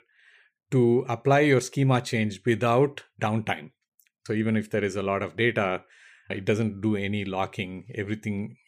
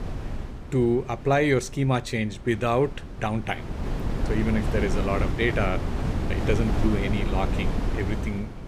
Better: first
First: none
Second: wind noise on the microphone; heavy; 7 dB below the speech

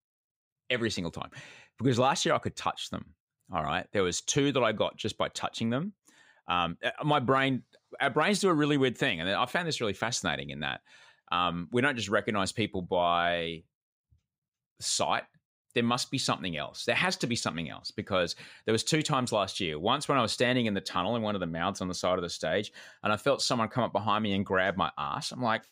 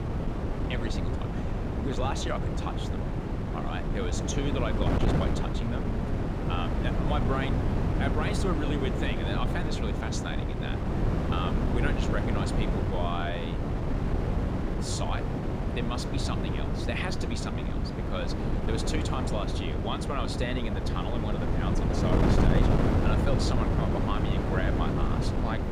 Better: first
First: none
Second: wind noise on the microphone; heavy; 1 dB above the speech

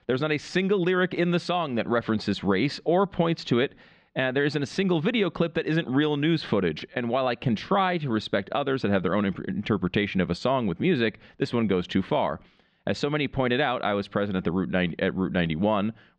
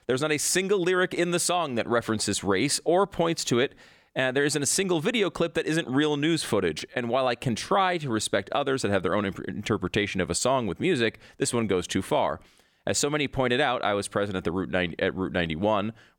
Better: second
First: muffled; slightly; fading above 4 kHz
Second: none

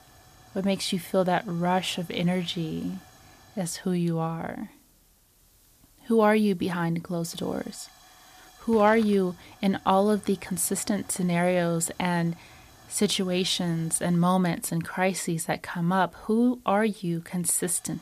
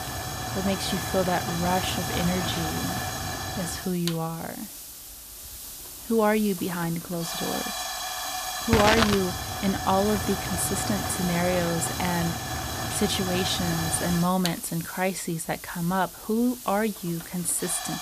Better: first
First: hiss; faint; throughout; 25 dB below the speech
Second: hiss; loud; throughout; 3 dB below the speech

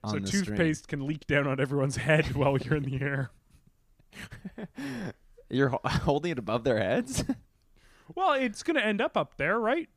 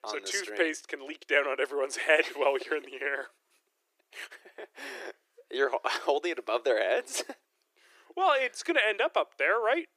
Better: first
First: none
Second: thin; very; fading below 350 Hz

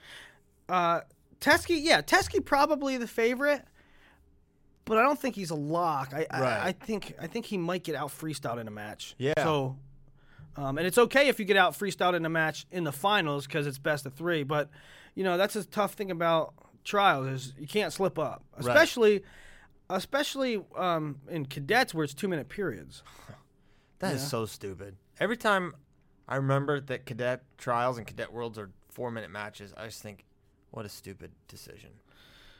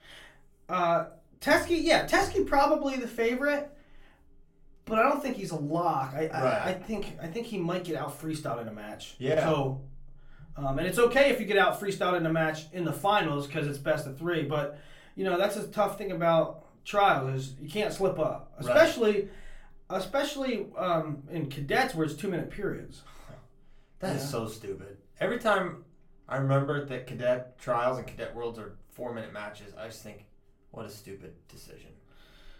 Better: first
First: none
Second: off-mic speech; far // room echo; very slight; dies away in 0.3 s

